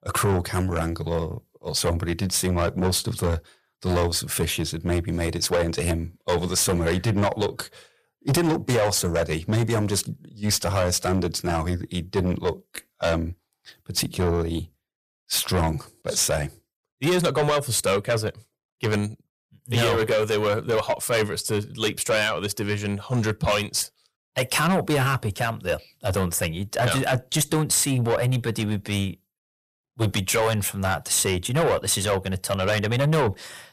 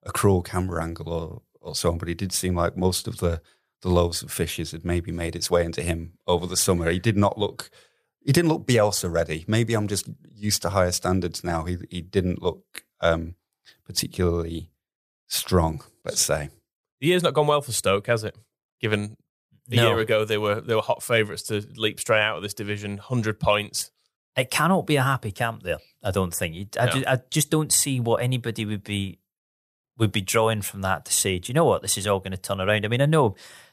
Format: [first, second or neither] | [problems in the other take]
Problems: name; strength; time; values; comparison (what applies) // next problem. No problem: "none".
second | distortion; heavy; 7 dB below the speech